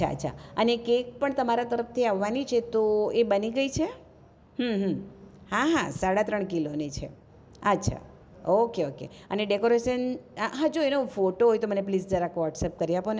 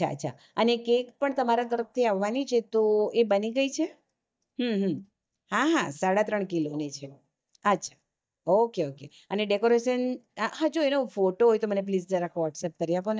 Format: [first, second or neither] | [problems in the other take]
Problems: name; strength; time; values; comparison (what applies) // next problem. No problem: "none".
first | noise reduction (neural mask model DeepFilterNet 3)